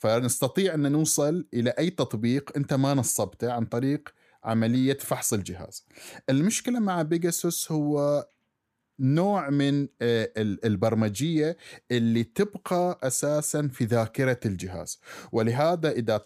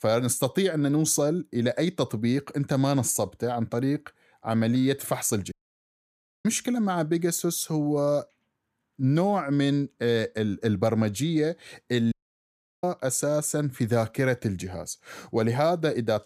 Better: first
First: none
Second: audio cutting out; at 5.5 s for 1 s and at 12 s for 0.5 s

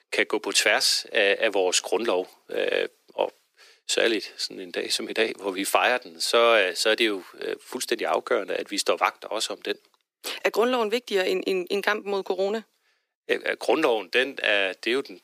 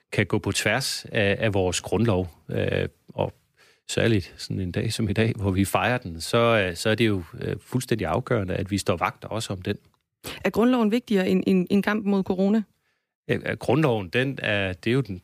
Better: second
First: thin; very; fading below 350 Hz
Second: none

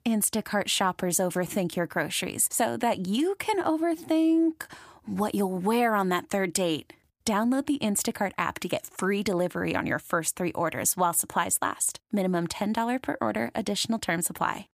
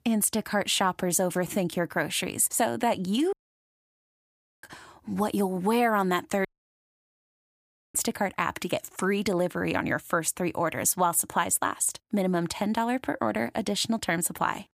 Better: first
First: none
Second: audio cutting out; at 3.5 s for 1.5 s and at 6.5 s for 1.5 s

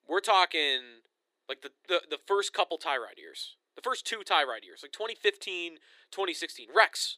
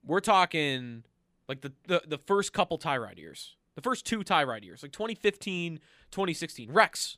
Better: second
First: thin; very; fading below 350 Hz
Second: none

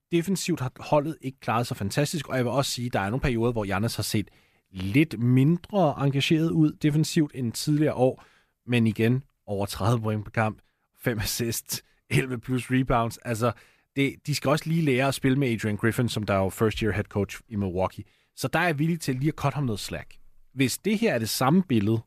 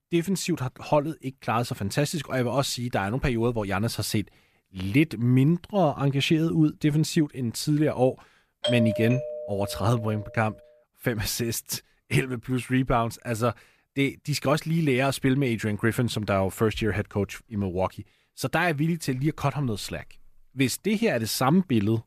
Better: first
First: none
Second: doorbell; noticeable; from 8.5 to 10 s; peak 2 dB below the speech

